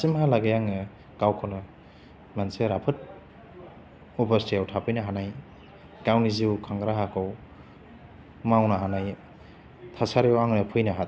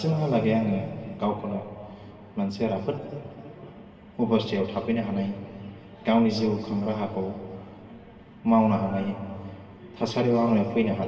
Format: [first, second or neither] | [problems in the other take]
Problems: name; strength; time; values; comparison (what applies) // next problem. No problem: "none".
first | room echo; dies away in 2.7 s